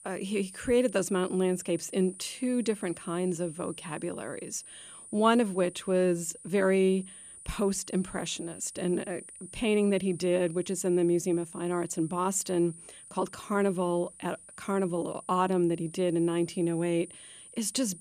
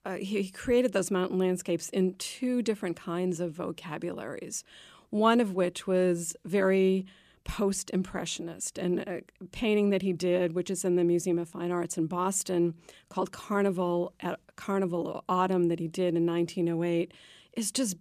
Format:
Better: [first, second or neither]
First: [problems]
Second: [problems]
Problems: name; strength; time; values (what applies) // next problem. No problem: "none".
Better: second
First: high-pitched whine; noticeable; throughout; 9.5 kHz, 15 dB below the speech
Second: none